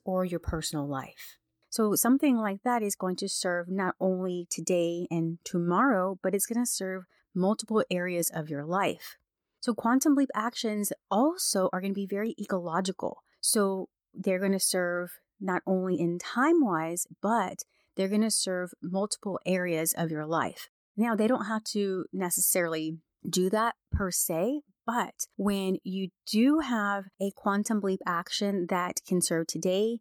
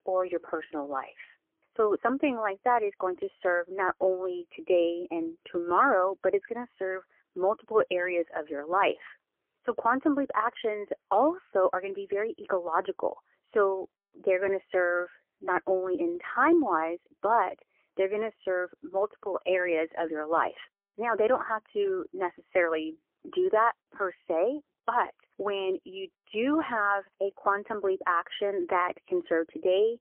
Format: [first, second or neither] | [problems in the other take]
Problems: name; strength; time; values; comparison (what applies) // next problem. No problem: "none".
first | phone-call audio; poor line; nothing above 3 kHz